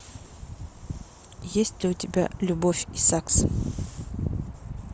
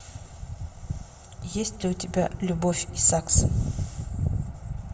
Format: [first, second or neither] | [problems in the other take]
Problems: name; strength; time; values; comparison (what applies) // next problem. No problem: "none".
first | room echo; dies away in 0.5 s